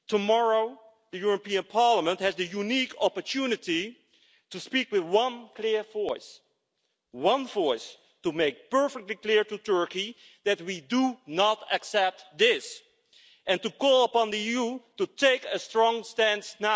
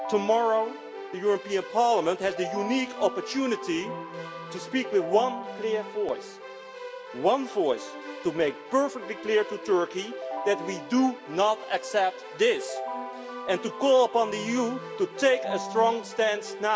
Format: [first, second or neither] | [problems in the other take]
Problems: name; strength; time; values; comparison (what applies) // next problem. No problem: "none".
first | background sound (Keyboard (musical)); 10 dB below the speech // room echo; dies away in 1.1 s